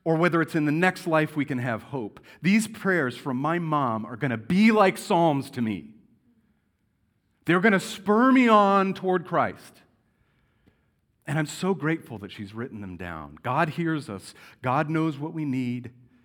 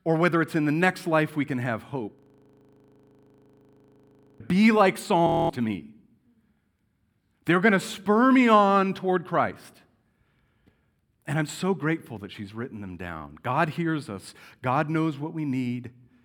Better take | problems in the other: first | audio freezing; at 2 s for 2.5 s and at 5.5 s

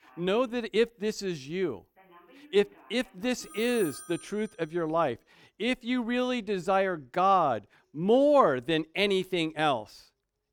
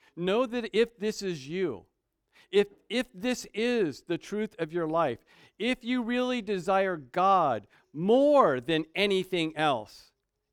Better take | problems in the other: second | alarms or sirens; noticeable; until 5 s; 20 dB below the speech

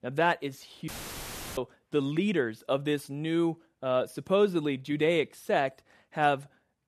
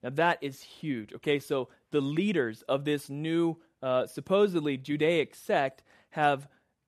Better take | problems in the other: second | audio cutting out; filled with static; at 1 s for 0.5 s

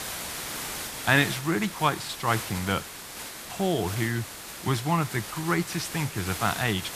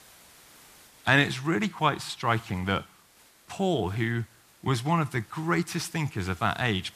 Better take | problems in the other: second | hiss; loud; throughout; 8 dB below the speech; faint in the second

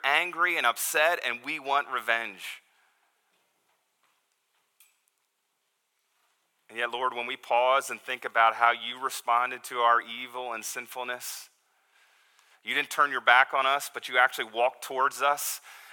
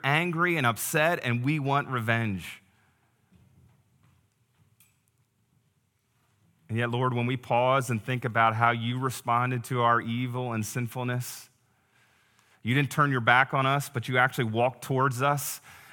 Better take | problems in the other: second | thin; very; fading below 500 Hz

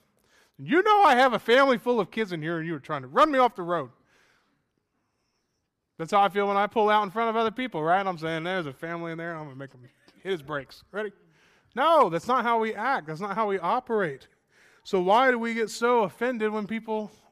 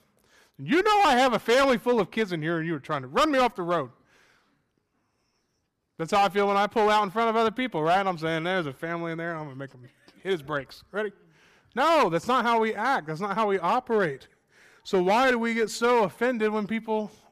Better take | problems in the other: first | distortion; slight; 6% of the sound clipped

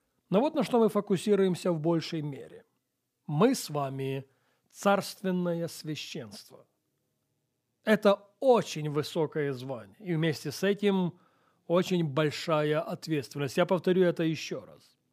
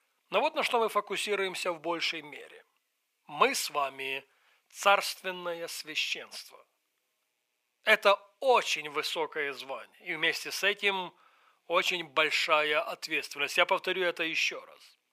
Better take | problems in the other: first | thin; very; fading below 700 Hz

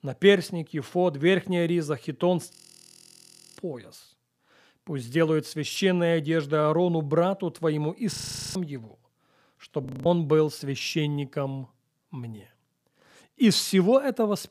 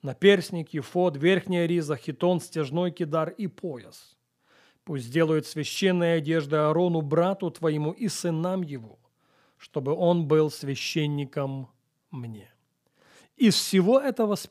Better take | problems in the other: second | audio freezing; at 2.5 s for 1 s, at 8 s and at 10 s

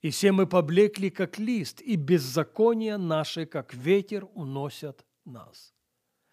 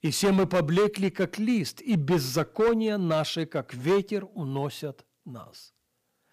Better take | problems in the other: first | distortion; heavy; 7% of the sound clipped

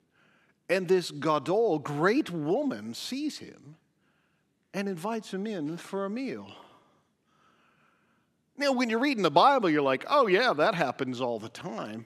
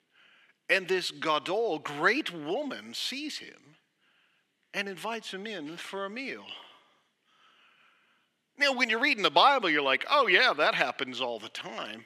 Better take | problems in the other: first | thin; very slightly; fading below 500 Hz

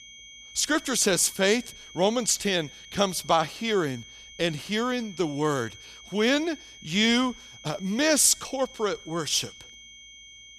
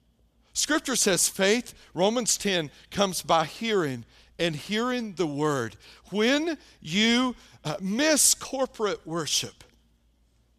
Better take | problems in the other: second | high-pitched whine; noticeable; throughout; 3 kHz, 20 dB below the speech

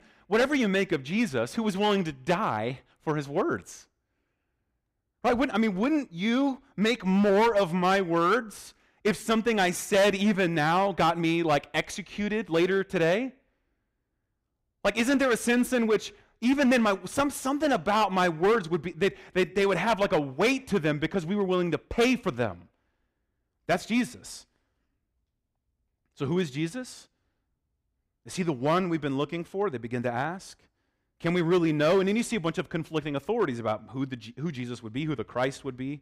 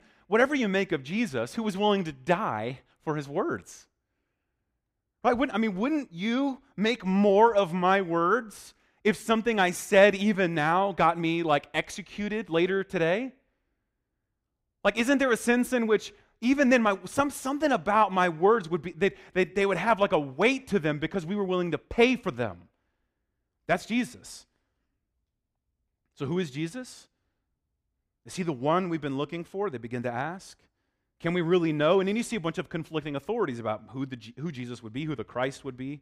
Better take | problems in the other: second | distortion; slight; 5% of the sound clipped

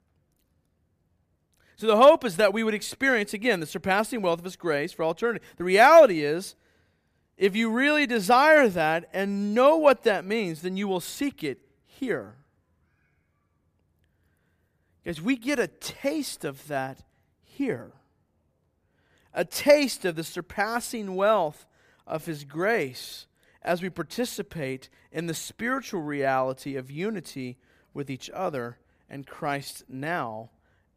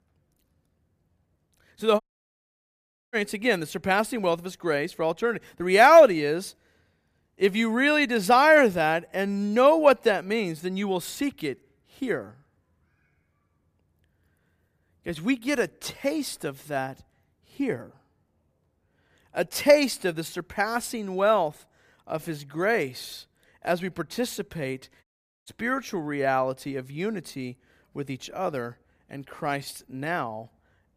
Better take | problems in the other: first | audio cutting out; at 2 s for 1 s and at 25 s

